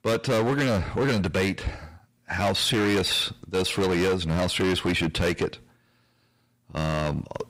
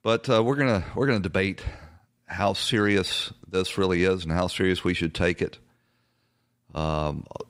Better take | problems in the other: second | distortion; heavy; 16% of the sound clipped

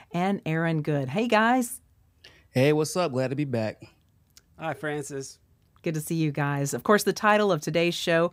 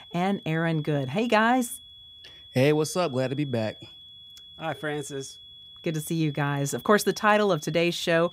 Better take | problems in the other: first | high-pitched whine; noticeable; throughout; 3.5 kHz, 20 dB below the speech

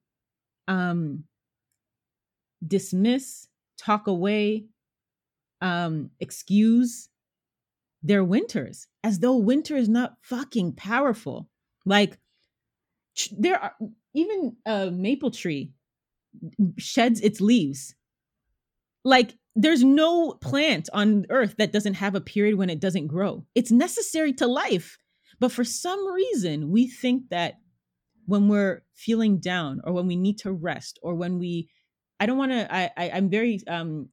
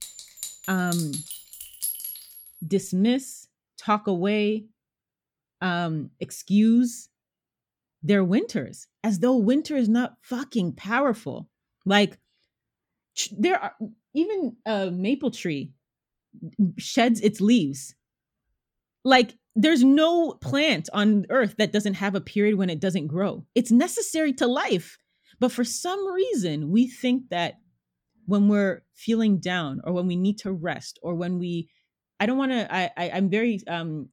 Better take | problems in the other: first | clattering dishes; noticeable; until 2.5 s; peak 5 dB below the speech

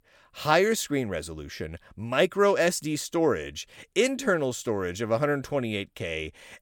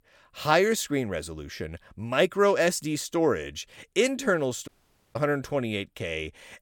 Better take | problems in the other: first | audio cutting out; at 4.5 s

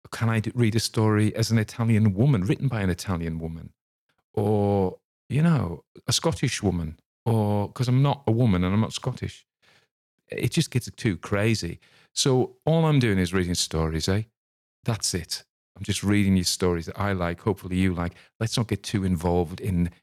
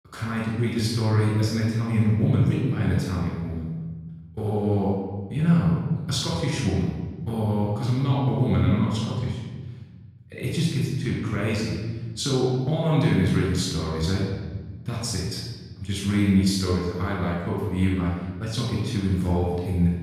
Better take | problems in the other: first | off-mic speech; far // room echo; strong; dies away in 1.4 s

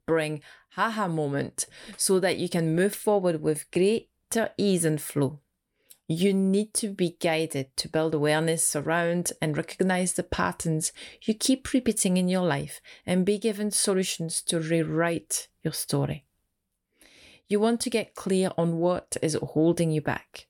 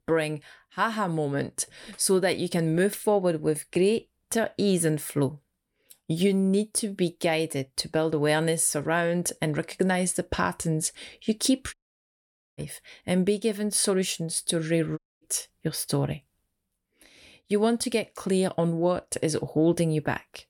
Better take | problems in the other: first | audio cutting out; at 12 s for 1 s and at 15 s

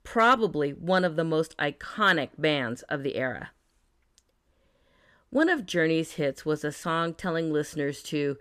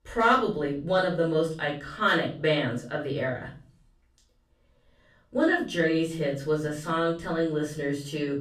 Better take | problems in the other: first | off-mic speech; far // room echo; slight; dies away in 0.4 s

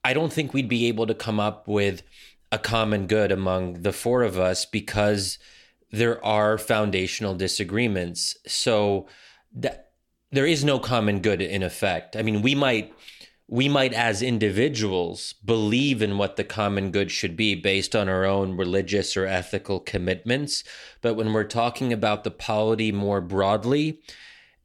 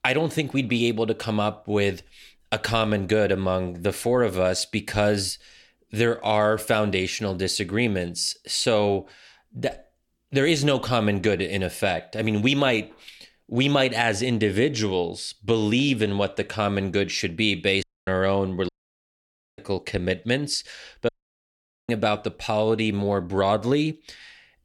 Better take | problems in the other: first | audio cutting out; at 18 s, at 19 s for 1 s and at 21 s for 1 s

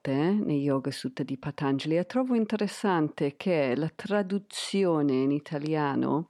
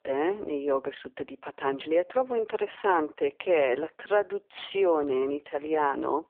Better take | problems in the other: first | phone-call audio; poor line

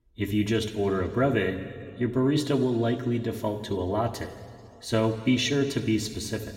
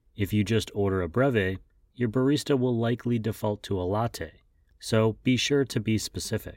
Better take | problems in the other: second | room echo; slight; dies away in 1.8 s

